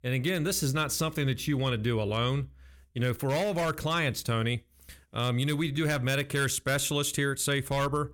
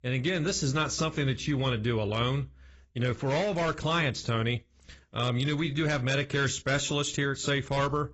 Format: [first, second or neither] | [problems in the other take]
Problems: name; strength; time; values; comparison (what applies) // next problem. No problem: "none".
first | garbled, watery; badly; nothing above 7.5 kHz